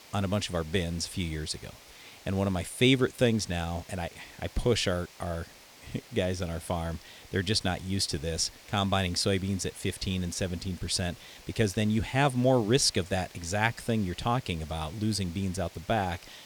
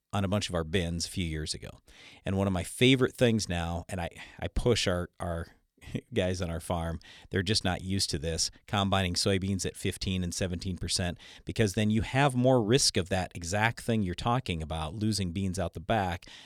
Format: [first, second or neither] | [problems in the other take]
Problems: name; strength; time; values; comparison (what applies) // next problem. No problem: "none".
second | hiss; faint; throughout; 20 dB below the speech